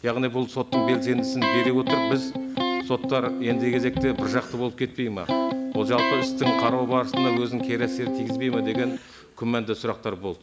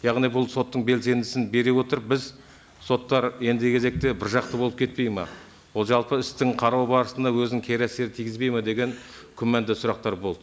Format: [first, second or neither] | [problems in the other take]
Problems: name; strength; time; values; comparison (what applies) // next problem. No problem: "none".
second | background sound (Electric guitar); as loud as the speech